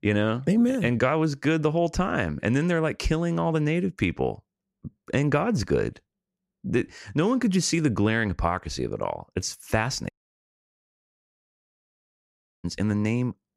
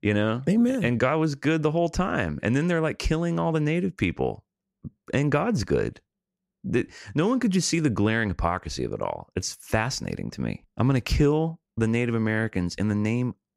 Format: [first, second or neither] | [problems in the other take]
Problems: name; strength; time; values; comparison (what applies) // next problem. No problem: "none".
second | audio cutting out; at 10 s for 2.5 s